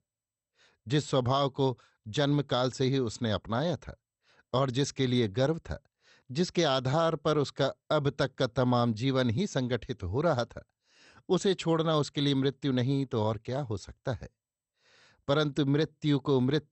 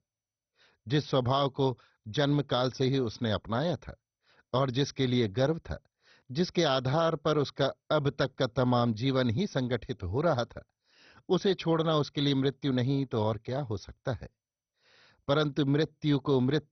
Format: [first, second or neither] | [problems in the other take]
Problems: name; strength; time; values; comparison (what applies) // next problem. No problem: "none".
first | garbled, watery; badly; nothing above 6 kHz; slightly in the first